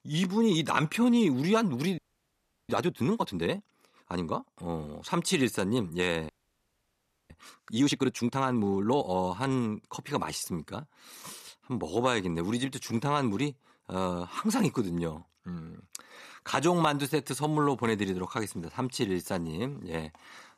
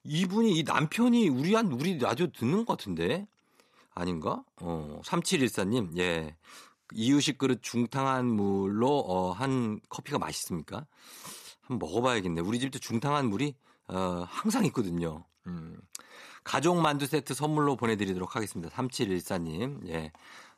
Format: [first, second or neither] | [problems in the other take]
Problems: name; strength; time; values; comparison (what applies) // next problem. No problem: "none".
second | audio freezing; at 2 s for 0.5 s and at 6.5 s for 1 s